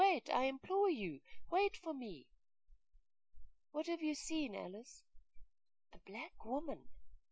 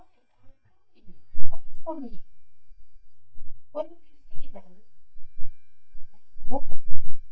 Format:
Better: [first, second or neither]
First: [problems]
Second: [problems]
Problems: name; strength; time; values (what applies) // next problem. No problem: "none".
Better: first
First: none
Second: noise reduction (neural mask model DeepFilterNet 3)